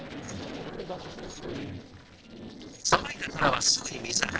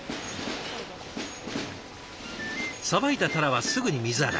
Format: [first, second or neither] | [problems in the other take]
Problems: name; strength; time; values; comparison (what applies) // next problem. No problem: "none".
second | noise reduction (neural separator model SepFormer DNS4)